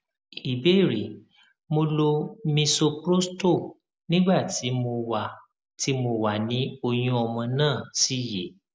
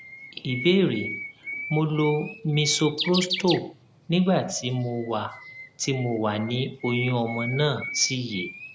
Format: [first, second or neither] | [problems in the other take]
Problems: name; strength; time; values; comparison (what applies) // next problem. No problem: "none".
first | background sound (Bird); 10 dB below the speech